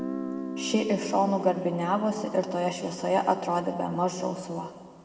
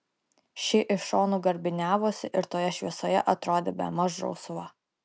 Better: second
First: background sound (Guitar); 11 dB below the speech // room echo; dies away in 1.7 s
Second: none

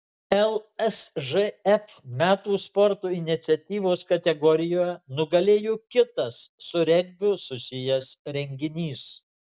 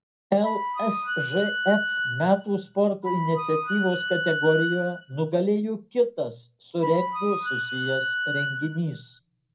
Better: first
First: none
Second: background sound (Wind instrument, woodwind instrument); 3 dB below the speech // room echo; dies away in 0.2 s

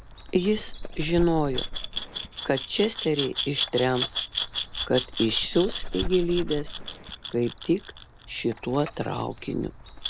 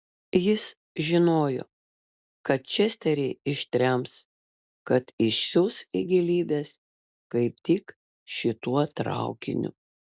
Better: second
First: background sound (Glass + Dog); 6 dB below the speech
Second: none

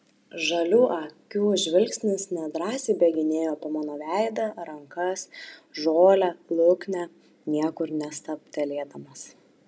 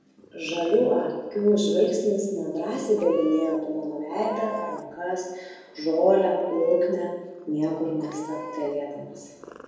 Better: first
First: none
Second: background sound (Meow / Purr); 17 dB below the speech // room echo; dies away in 1.2 s

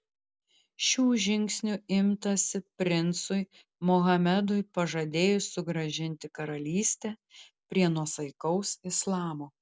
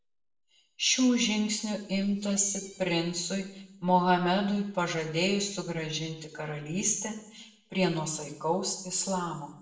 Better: first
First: none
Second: noise reduction (neural separator model SepFormer DNS4)

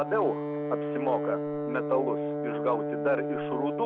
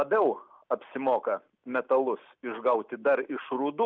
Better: second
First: background sound (Brass instrument); 1 dB below the speech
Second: none

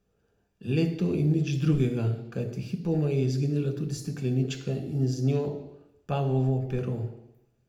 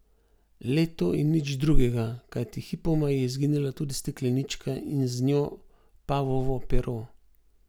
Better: second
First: room echo; dies away in 0.8 s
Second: none

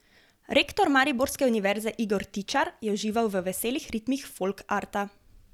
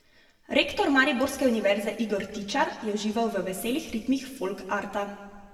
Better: first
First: none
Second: room echo; dies away in 1.6 s

